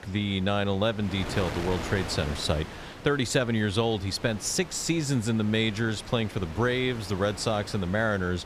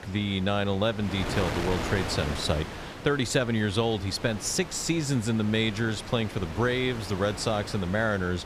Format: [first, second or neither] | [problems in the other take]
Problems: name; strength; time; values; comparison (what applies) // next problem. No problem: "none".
first | wind noise on the microphone; heavy; 8 dB below the speech; occasional gusts in the first